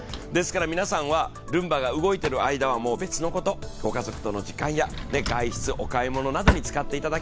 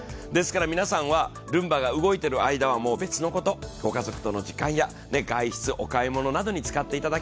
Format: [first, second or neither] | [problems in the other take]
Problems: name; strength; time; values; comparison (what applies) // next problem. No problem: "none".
second | background sound (Drawer open or close); 6 dB below the speech